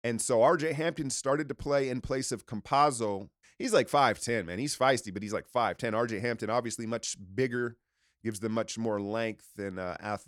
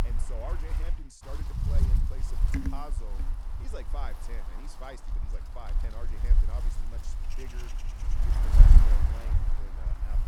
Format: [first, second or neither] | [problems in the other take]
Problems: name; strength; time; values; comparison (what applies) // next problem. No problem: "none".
first | wind noise on the microphone; heavy; 2 dB above the speech